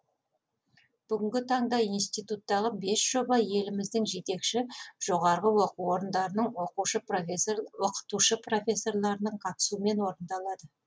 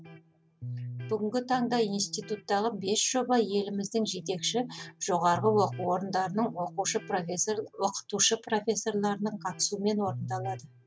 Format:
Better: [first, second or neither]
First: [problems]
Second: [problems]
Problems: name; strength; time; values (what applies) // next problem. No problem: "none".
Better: first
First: none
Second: background sound (Electric guitar); 14 dB below the speech